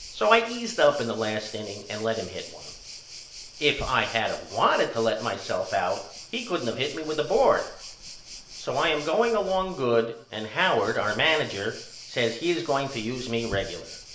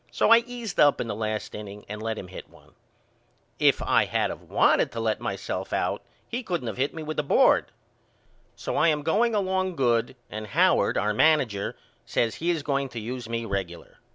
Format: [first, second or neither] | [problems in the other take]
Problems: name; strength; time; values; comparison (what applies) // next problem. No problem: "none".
second | background sound (Waves, surf); 17 dB below the speech // room echo; dies away in 0.6 s